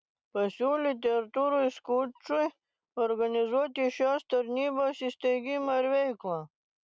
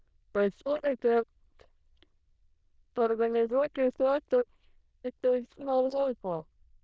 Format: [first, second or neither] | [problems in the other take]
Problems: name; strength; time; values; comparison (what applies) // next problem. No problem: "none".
first | noise reduction (neural diffusion model UNIVERSE++)